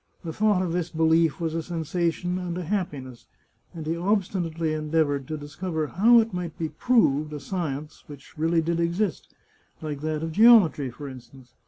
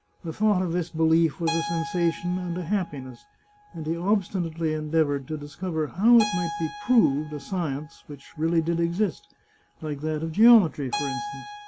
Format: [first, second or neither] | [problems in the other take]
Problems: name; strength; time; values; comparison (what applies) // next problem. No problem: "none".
first | background sound (Keyboard (musical)); 13 dB below the speech